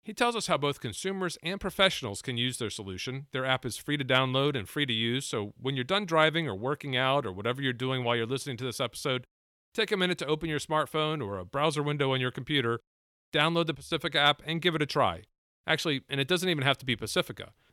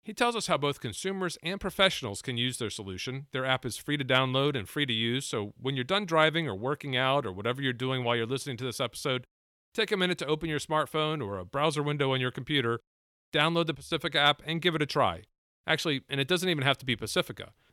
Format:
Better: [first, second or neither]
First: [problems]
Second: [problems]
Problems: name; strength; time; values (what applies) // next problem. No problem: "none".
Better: neither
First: none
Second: none